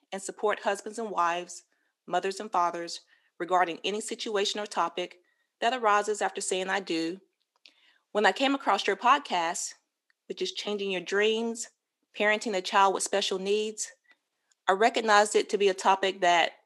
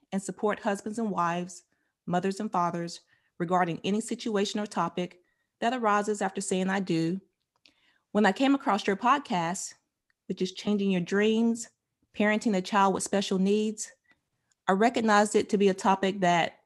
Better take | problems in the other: second | thin; somewhat; fading below 350 Hz

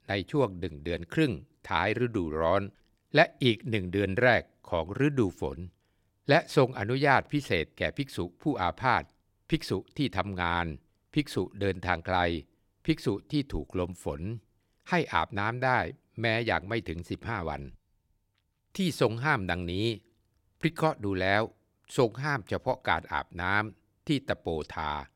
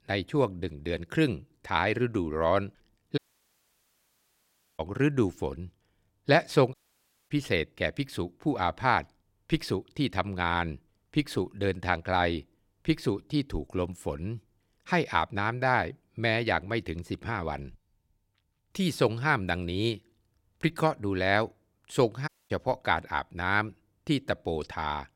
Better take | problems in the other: first | audio cutting out; at 3 s for 1.5 s, at 6.5 s for 0.5 s and at 22 s

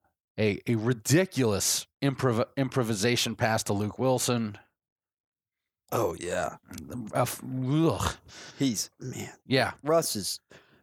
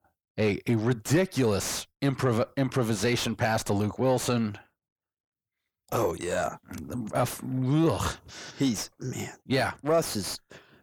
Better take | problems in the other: first | distortion; slight; 10 dB below the speech

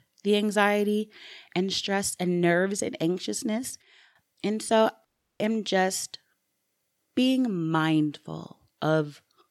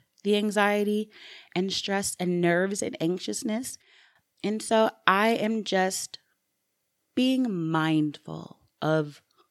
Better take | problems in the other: second | audio cutting out; at 5 s

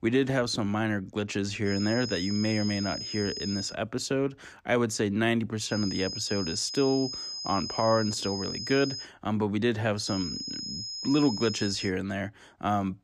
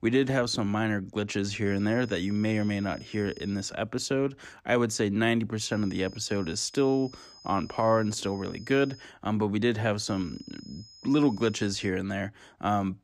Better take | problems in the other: second | high-pitched whine; loud; from 1.5 to 3.5 s, from 5.5 to 9 s and from 10 to 12 s; 5 kHz, 6 dB below the speech; faint in the second

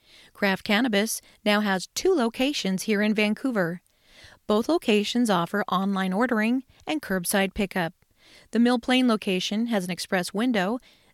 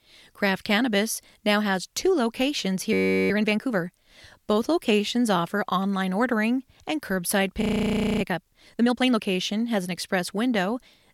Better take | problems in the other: first | audio freezing; at 3 s and at 7.5 s for 0.5 s

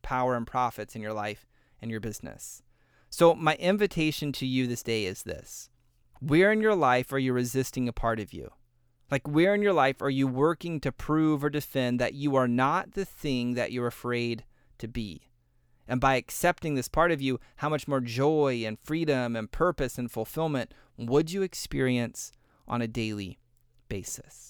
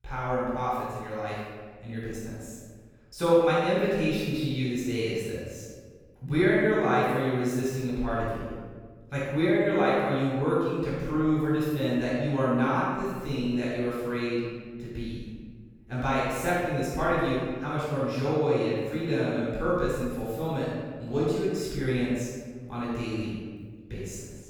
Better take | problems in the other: first | off-mic speech; far // room echo; strong; dies away in 1.5 s

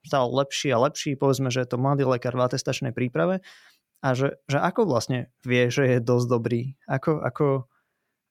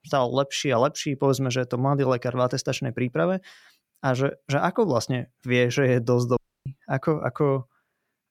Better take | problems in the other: first | audio cutting out; at 6.5 s

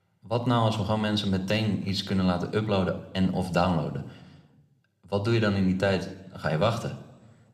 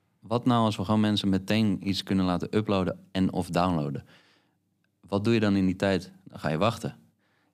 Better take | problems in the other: second | room echo; very slight; dies away in 0.8 s

